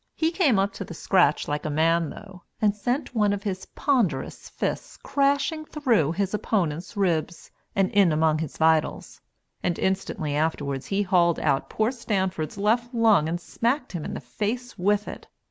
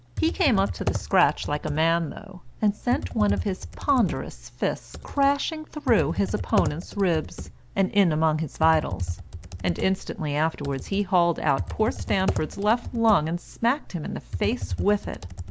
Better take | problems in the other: first | background sound (Computer keyboard); 8 dB below the speech

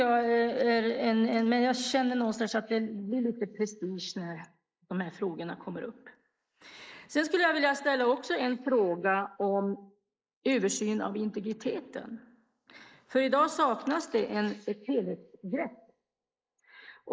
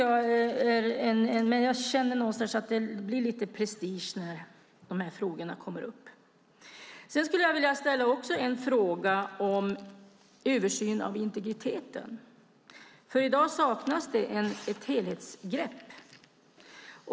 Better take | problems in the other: second | noise reduction (neural mask model Resemble Enhance denoiser)

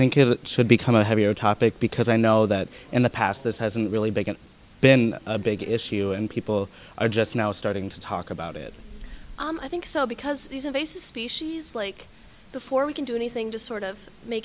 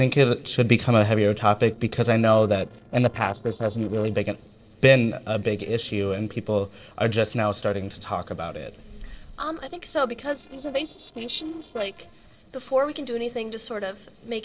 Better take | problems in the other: first | noise reduction (neural separator model SepFormer DNS4)

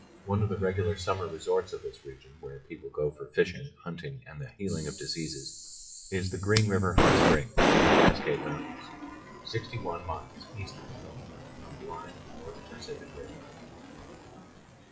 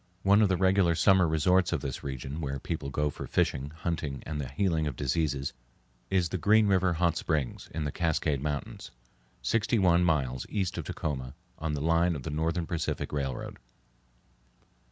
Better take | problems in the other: second | noise reduction (classical method WPE with log-MMSE)

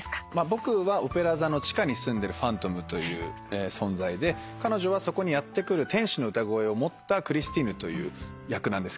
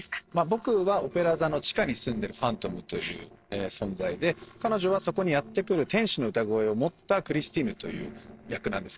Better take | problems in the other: first | noise reduction (neural separator model SepFormer DNS4)

